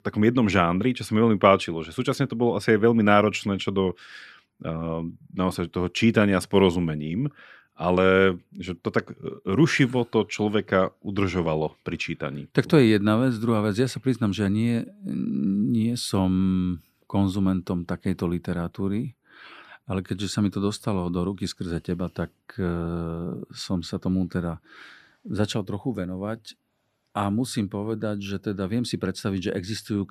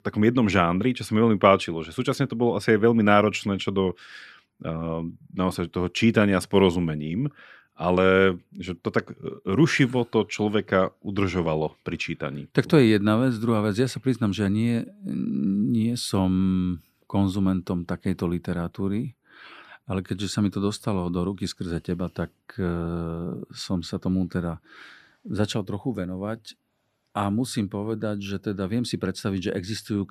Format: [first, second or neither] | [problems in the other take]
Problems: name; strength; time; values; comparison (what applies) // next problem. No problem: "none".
neither | none